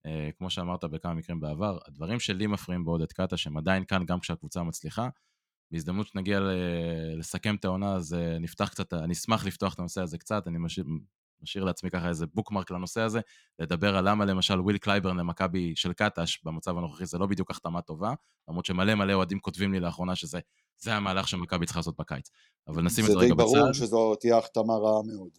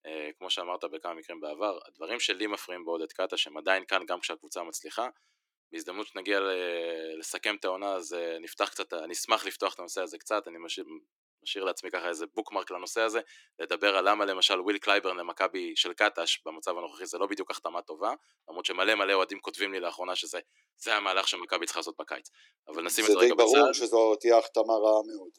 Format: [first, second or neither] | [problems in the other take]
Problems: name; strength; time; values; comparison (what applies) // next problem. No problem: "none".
first | thin; very; fading below 300 Hz